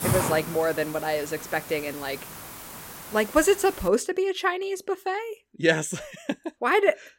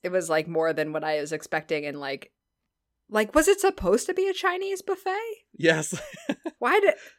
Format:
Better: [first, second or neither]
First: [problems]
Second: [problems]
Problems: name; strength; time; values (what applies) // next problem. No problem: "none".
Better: second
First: hiss; loud; until 4 s; 10 dB below the speech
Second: none